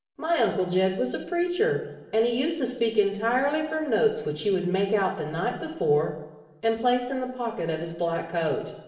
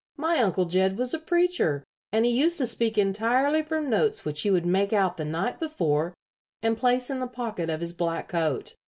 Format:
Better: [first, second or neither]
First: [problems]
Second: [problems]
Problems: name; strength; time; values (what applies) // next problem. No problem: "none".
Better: second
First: room echo; dies away in 1.1 s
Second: none